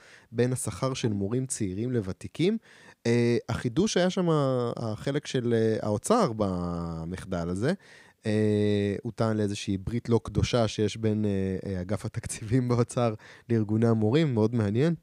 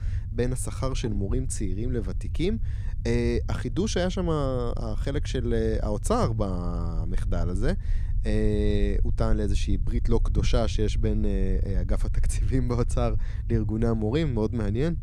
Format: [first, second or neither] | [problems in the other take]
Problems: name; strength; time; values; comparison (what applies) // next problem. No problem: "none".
first | low rumble; noticeable; throughout; 15 dB below the speech